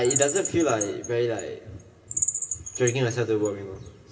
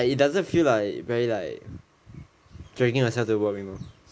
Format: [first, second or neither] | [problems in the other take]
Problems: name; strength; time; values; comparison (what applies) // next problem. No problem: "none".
second | background sound (Bird vocalization, bird call, bird song); 5 dB below the speech // room echo; dies away in 2 s